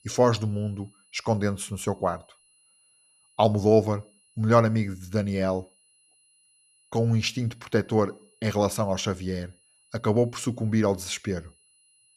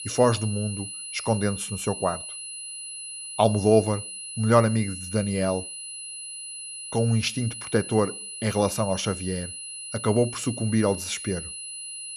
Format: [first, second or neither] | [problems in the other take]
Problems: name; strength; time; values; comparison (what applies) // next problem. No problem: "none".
first | high-pitched whine; loud; throughout; 10 kHz, 9 dB below the speech; faint in the first